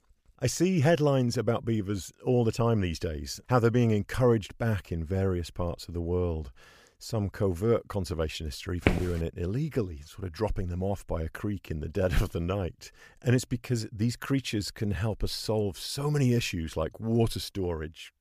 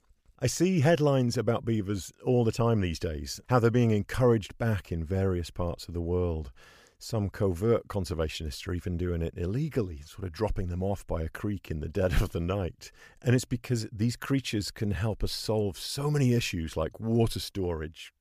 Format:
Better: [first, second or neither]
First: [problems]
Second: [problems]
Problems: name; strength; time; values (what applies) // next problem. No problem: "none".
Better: second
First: footsteps; noticeable; at 9 s; peak level with the speech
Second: none